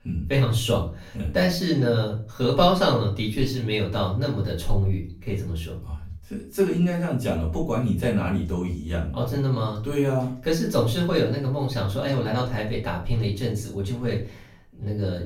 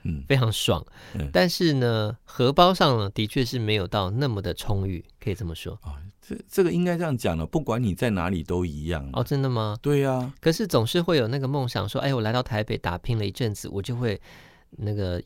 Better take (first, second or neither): second